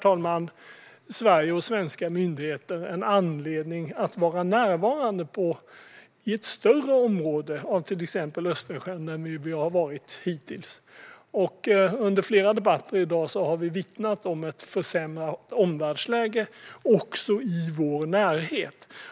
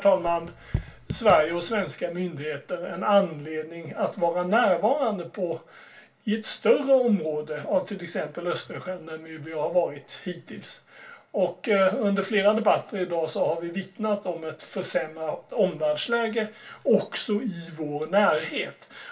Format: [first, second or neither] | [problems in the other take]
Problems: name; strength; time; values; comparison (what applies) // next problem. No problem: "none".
first | background sound (Raindrop / Drip); 9 dB below the speech // room echo; dies away in 0.2 s